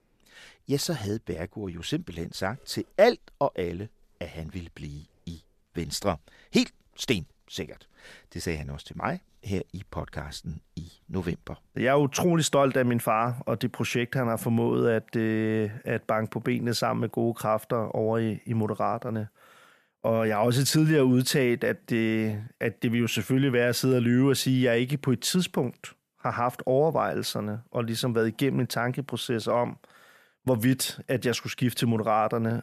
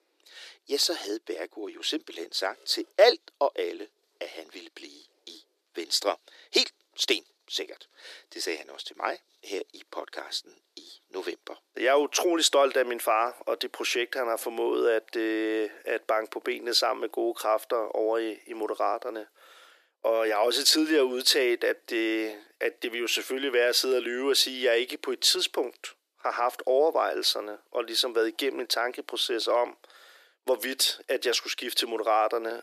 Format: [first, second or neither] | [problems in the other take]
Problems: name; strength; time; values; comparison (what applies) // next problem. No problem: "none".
first | thin; very; fading below 300 Hz